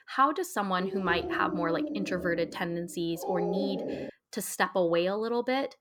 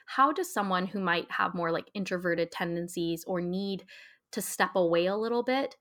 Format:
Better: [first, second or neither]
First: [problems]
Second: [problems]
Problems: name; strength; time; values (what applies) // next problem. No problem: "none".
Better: second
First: dog barking; noticeable; from 1 to 4 s; peak 2 dB below the speech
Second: none